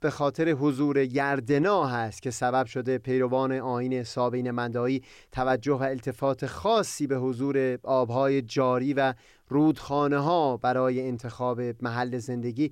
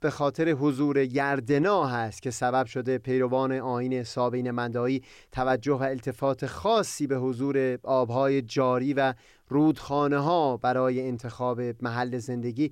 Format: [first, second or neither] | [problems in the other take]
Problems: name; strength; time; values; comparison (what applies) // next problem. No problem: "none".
neither | none